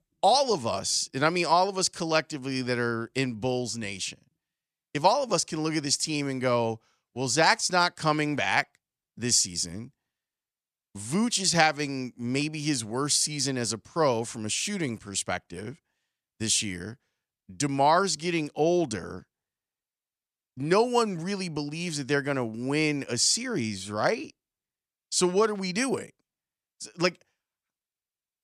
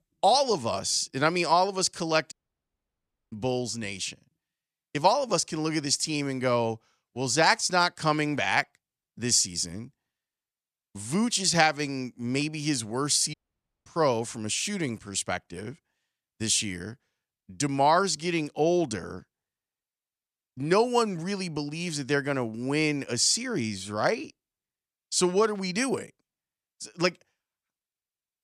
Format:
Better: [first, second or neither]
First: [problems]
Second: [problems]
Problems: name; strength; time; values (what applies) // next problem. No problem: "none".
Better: first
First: none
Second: audio cutting out; at 2.5 s for 1 s and at 13 s for 0.5 s